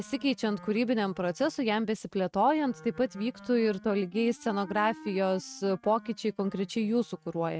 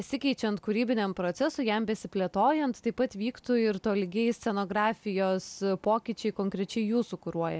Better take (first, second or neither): second